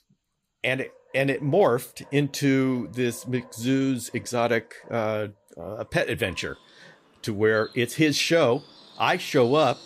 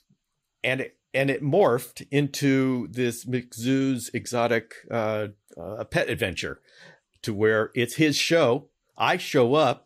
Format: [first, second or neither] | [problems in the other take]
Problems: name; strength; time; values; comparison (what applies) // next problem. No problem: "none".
second | animal sounds; faint; throughout; 25 dB below the speech